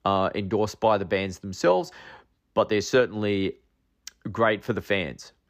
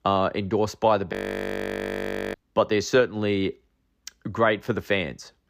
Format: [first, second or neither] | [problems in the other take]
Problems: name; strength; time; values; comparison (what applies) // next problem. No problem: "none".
first | audio freezing; at 1 s for 1 s